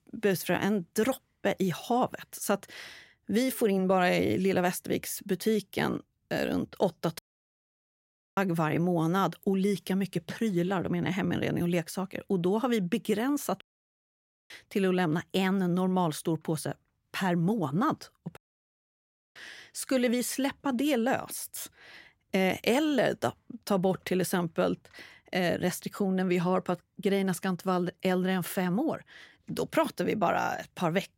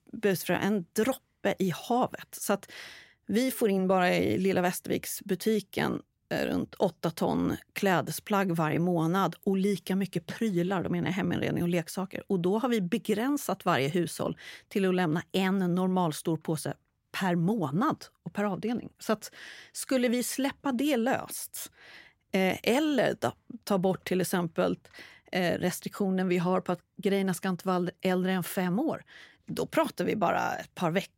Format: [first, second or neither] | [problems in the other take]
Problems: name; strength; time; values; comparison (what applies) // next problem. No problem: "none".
second | audio cutting out; at 7 s for 1 s, at 14 s for 1 s and at 18 s for 1 s